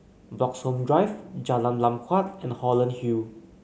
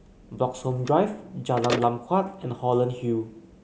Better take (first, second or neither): first